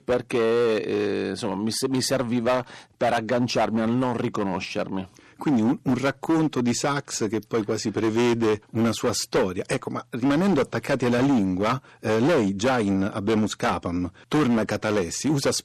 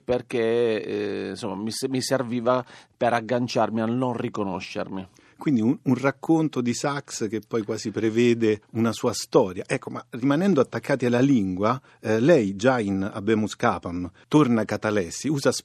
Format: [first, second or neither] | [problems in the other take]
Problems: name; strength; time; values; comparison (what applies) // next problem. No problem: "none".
second | distortion; heavy; 13% of the sound clipped